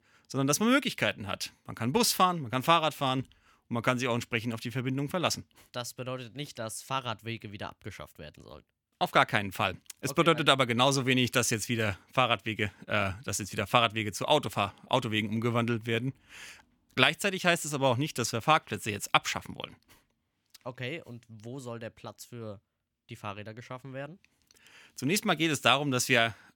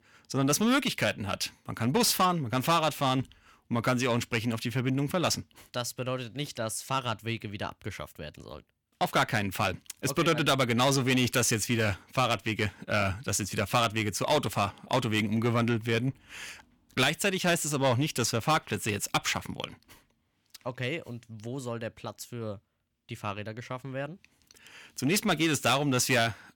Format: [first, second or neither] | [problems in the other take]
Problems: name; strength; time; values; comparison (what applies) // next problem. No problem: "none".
first | distortion; heavy; 8 dB below the speech